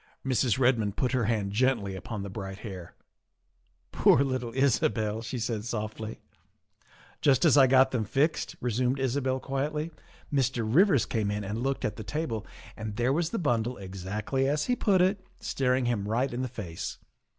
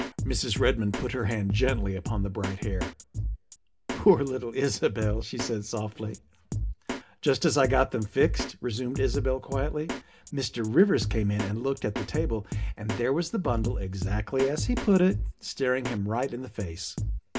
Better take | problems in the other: first | background sound (Drum kit); 5 dB below the speech // room echo; dies away in 0.3 s

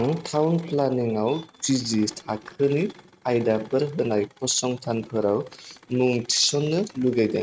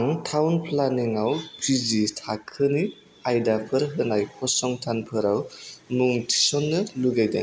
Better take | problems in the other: second | noise reduction (neural mask model RNNoise)

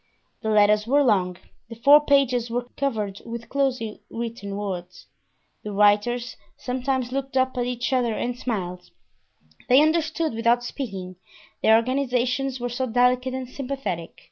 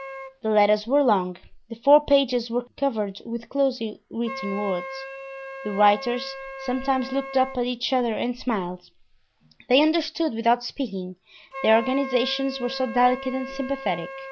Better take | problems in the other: first | background sound (Wind instrument, woodwind instrument); 14 dB below the speech

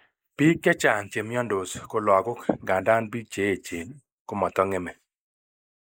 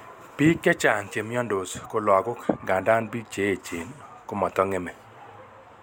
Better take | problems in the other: second | noise reduction (neural mask model Resemble Enhance denoiser)

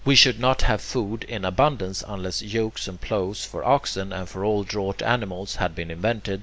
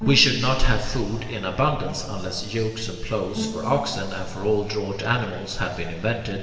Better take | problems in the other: first | background sound (Bowed string instrument); 14 dB below the speech // room echo; dies away in 2.6 s

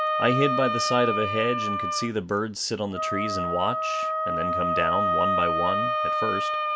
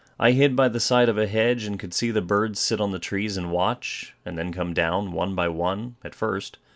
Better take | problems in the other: second | background sound (Wind instrument, woodwind instrument); 2 dB above the speech

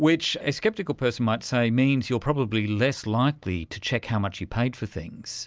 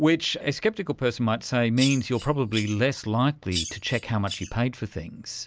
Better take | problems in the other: first | background sound (Bird vocalization, bird call, bird song); 10 dB below the speech

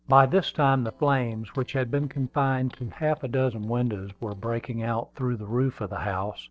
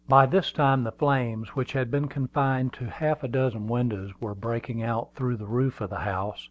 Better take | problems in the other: second | noise reduction (neural separator model SepFormer DNS4)

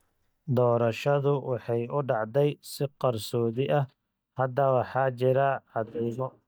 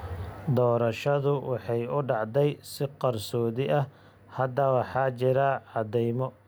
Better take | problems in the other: second | noise reduction (neural mask model DeepFilterNet 3)

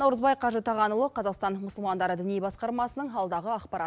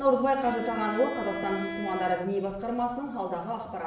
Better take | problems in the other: first | background sound (Bowed string instrument); 10 dB below the speech // room echo; dies away in 0.7 s

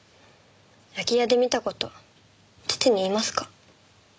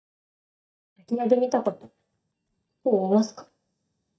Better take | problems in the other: first | noise reduction (neural mask model DeepFilterNet 3)

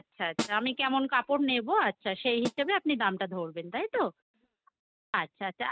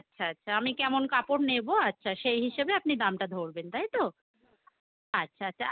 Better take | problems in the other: second | noise reduction (neural mask model RNNoise)

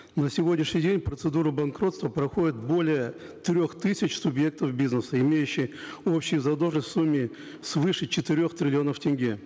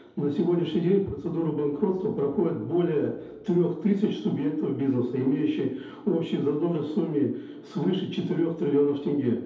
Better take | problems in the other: first | room echo; dies away in 2.2 s

